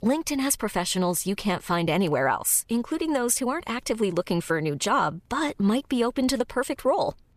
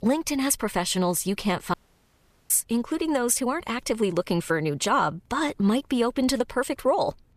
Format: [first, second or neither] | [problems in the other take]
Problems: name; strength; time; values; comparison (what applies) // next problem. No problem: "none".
first | audio cutting out; at 1.5 s for 1 s